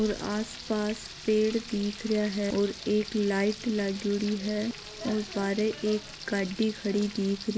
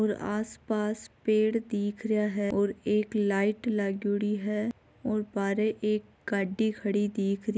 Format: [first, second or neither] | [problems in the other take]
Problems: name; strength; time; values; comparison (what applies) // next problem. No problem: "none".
second | background sound (Frying (food)); 13 dB below the speech